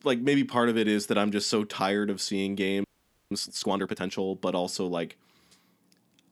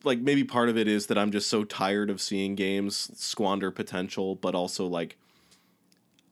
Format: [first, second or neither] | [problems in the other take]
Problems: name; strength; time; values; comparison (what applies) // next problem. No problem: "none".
second | audio freezing; at 3 s